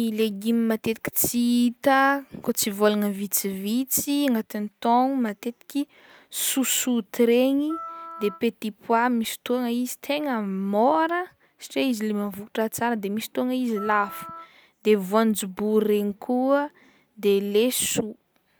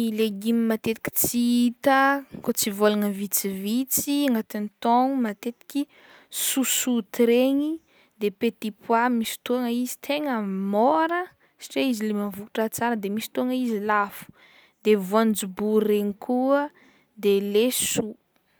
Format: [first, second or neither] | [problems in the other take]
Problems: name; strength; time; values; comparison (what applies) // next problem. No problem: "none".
second | background sound (Wind instrument, woodwind instrument); 17 dB below the speech